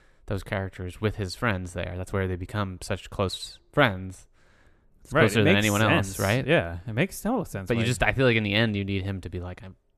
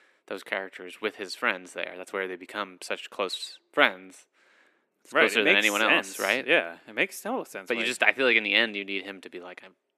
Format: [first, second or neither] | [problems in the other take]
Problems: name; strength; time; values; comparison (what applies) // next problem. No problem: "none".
first | thin; somewhat; fading below 250 Hz